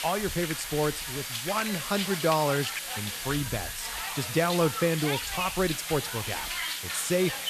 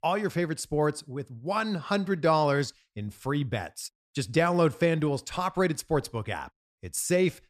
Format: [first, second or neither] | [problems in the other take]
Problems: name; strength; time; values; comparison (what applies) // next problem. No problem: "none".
second | hiss; loud; throughout; 3 dB below the speech